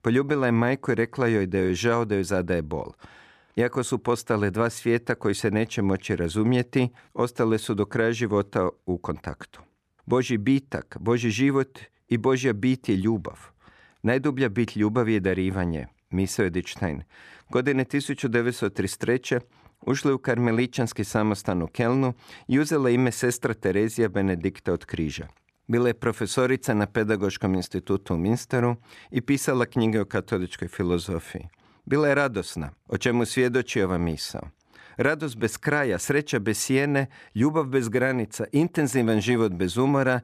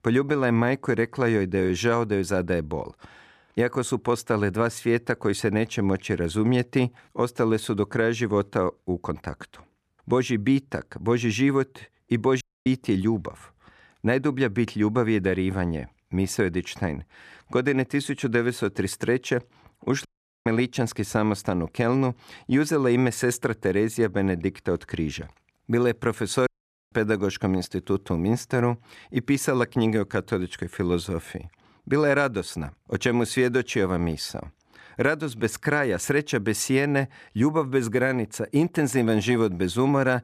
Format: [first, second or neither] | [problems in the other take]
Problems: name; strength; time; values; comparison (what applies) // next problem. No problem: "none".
first | audio cutting out; at 12 s, at 20 s and at 26 s